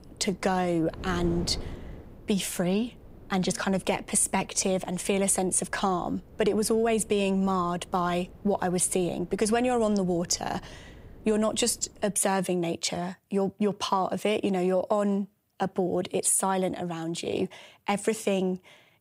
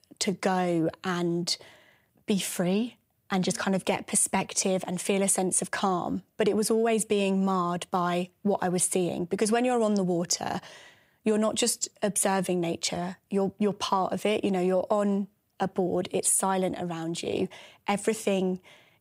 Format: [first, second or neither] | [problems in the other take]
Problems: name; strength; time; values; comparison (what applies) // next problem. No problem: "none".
second | wind noise on the microphone; occasional gusts; until 12 s; 25 dB below the speech